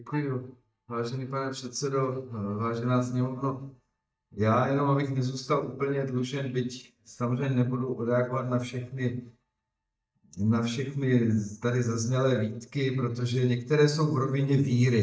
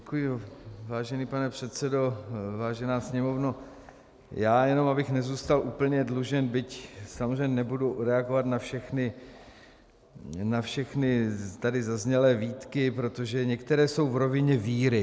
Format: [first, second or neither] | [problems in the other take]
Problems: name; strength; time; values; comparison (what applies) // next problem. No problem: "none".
second | noise reduction (neural mask model DeepFilterNet 3)